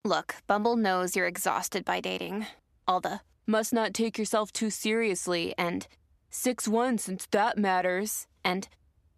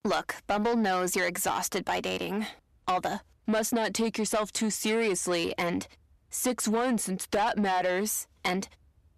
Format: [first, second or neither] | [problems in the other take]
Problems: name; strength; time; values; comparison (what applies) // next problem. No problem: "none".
first | distortion; slight; 10 dB below the speech